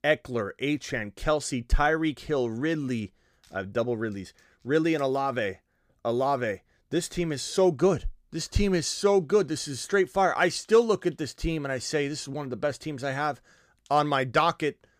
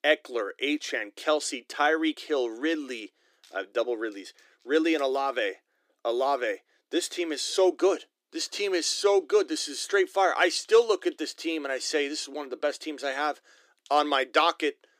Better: first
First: none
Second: thin; somewhat; fading below 300 Hz

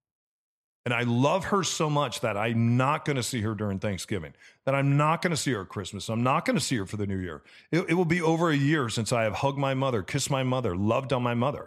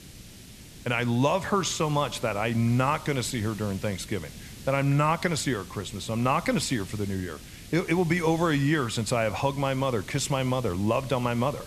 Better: first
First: none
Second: hiss; noticeable; throughout; 15 dB below the speech

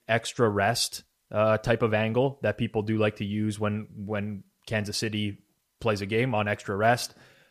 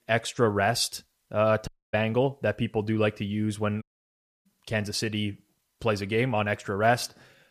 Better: first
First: none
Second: audio cutting out; at 1.5 s and at 4 s for 0.5 s

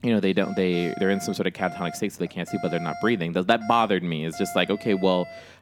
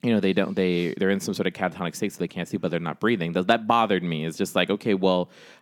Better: second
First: alarms or sirens; noticeable; throughout; 15 dB below the speech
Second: none

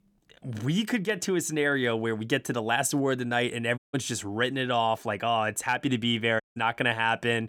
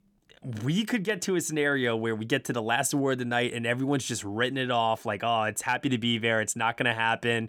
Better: second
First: audio cutting out; at 4 s and at 6.5 s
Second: none

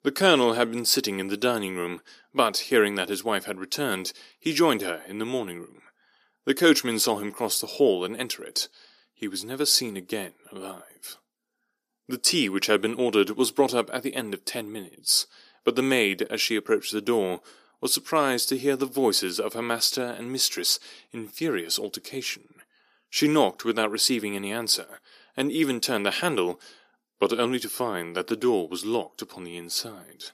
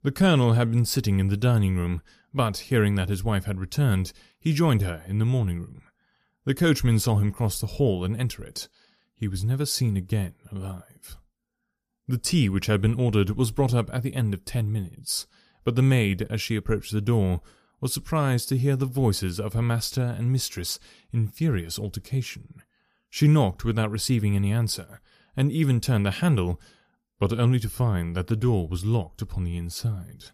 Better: second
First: thin; somewhat; fading below 300 Hz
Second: none

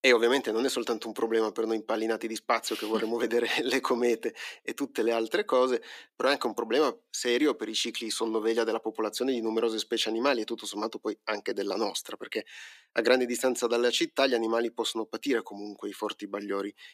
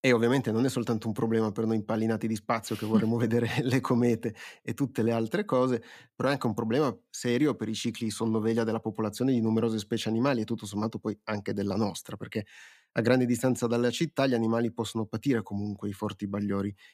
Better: second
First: thin; somewhat; fading below 350 Hz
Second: none

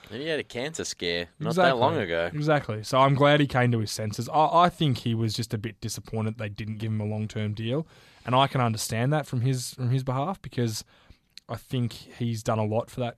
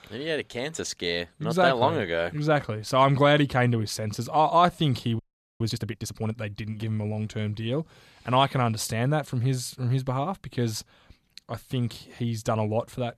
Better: first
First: none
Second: audio freezing; at 5 s

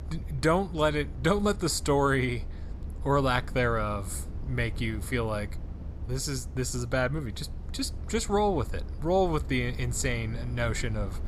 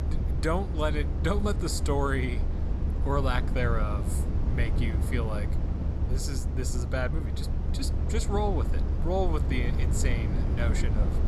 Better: first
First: low rumble; faint; throughout; 20 dB below the speech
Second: low rumble; loud; throughout; 8 dB below the speech

